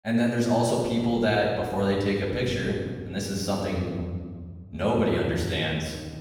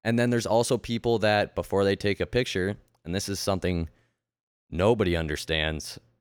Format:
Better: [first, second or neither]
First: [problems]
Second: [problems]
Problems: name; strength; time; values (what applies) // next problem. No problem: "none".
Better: second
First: off-mic speech; far // room echo; noticeable; dies away in 1.6 s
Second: none